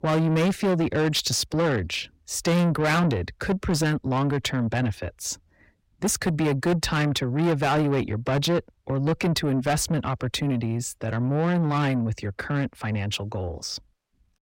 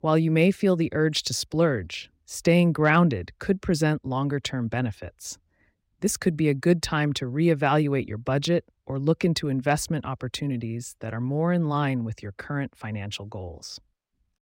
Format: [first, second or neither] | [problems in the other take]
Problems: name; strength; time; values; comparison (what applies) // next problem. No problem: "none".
second | distortion; heavy; 7 dB below the speech